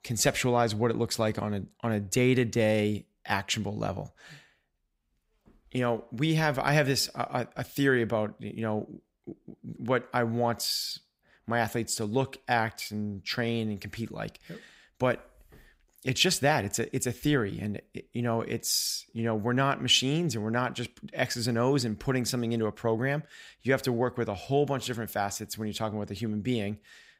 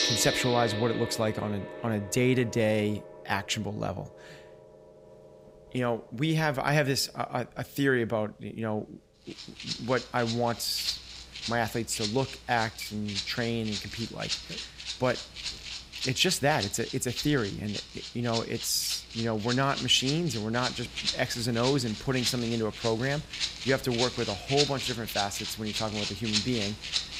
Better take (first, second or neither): first